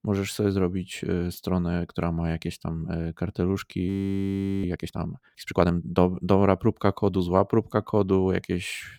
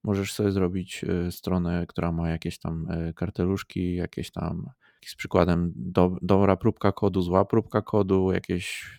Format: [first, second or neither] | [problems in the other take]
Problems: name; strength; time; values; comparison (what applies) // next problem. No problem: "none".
second | audio freezing; at 4 s for 1 s